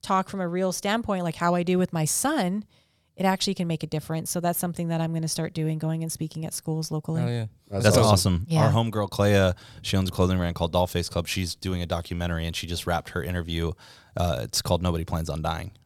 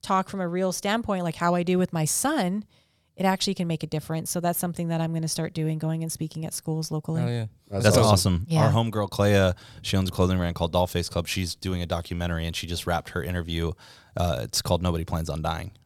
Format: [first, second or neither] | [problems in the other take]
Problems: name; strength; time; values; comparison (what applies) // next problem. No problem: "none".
neither | none